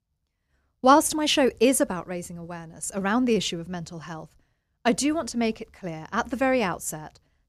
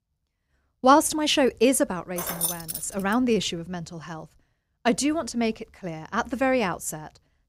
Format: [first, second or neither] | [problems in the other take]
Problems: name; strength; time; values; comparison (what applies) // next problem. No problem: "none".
first | jangling keys; noticeable; at 2 s; peak 2 dB below the speech